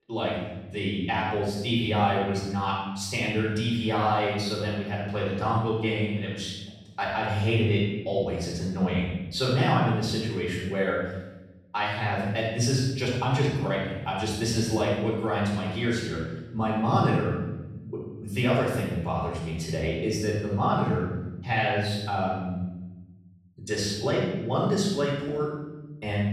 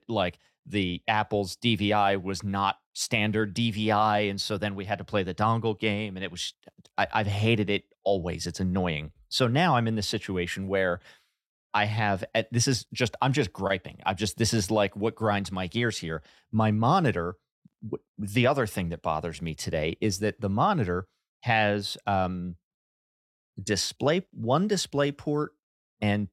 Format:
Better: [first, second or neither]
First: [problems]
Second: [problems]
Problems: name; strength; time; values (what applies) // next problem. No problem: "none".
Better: second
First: off-mic speech; far // room echo; strong; dies away in 1.1 s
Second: none